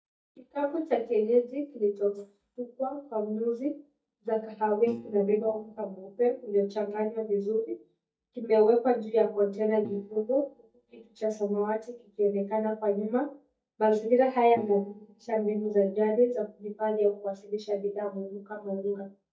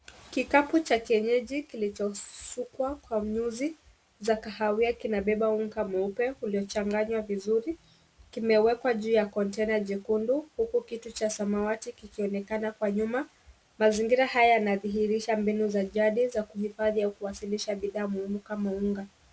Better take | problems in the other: second | noise reduction (neural mask model DeepFilterNet 3)

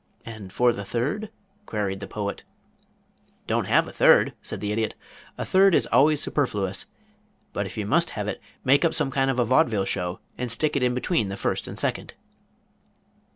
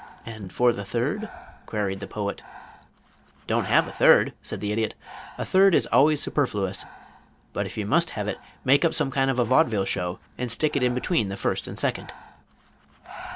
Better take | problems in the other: first | background sound (Breathing); 19 dB below the speech

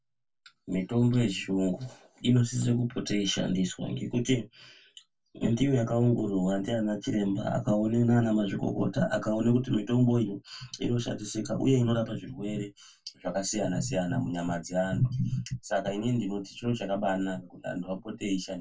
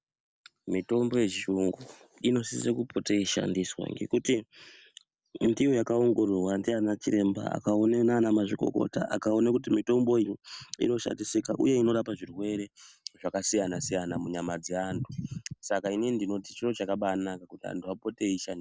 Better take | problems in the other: second | room echo; dies away in 0.1 s

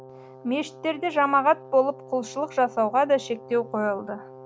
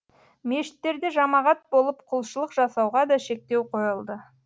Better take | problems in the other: second | background sound (Brass instrument); 19 dB below the speech

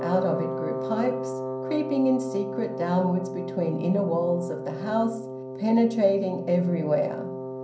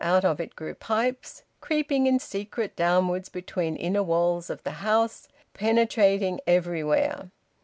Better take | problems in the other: second | background sound (Wind instrument, woodwind instrument); 7 dB below the speech // room echo; dies away in 0.6 s

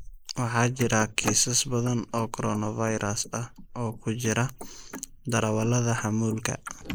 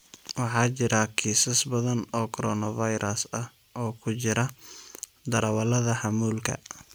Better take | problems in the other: second | noise reduction (neural mask model Resemble Enhance denoiser)

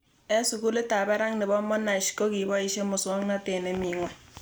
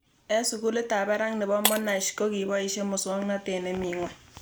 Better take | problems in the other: first | background sound (Shatter); 9 dB below the speech

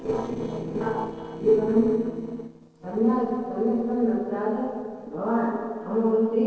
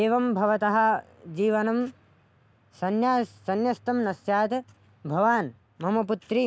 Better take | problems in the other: second | noise reduction (neural separator model SepFormer DNS4)

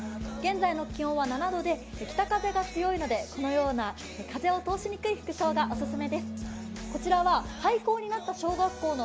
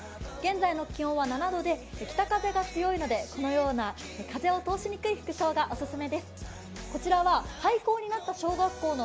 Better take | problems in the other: second | background sound (Bass guitar); 12 dB below the speech

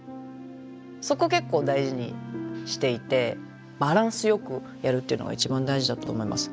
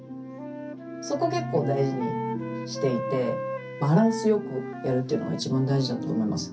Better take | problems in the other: first | background sound (Wind instrument, woodwind instrument); 10 dB below the speech // room echo; dies away in 0.3 s

